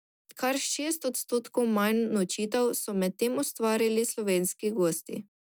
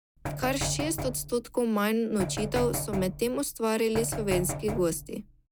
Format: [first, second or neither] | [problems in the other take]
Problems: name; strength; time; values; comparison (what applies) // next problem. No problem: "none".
first | background sound (Knock); 7 dB below the speech